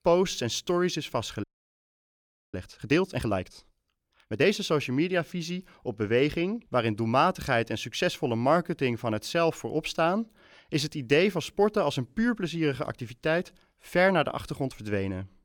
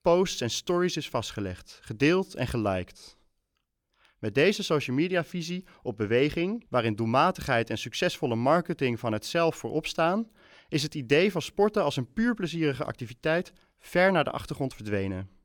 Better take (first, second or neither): second